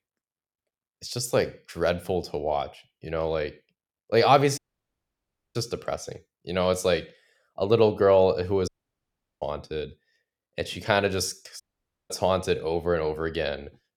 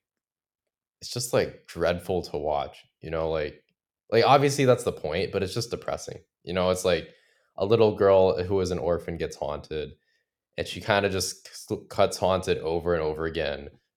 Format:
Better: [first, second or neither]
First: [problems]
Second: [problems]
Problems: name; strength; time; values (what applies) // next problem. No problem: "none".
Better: second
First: audio cutting out; at 4.5 s for 1 s, at 8.5 s for 0.5 s and at 12 s for 0.5 s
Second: none